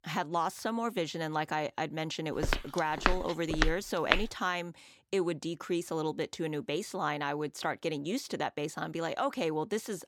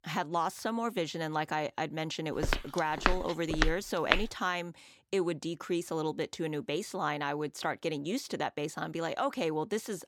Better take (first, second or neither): neither